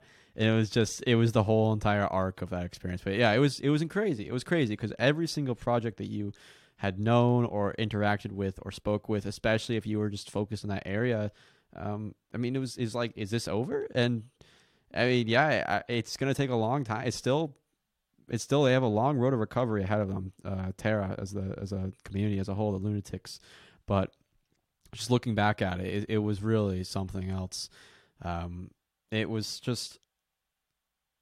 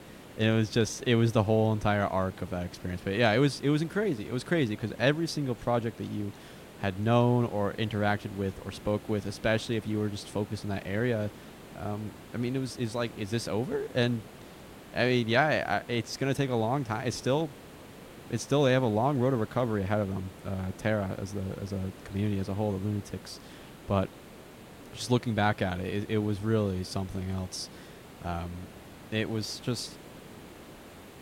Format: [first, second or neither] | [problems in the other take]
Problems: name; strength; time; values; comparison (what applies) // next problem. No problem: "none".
first | hiss; noticeable; throughout; 20 dB below the speech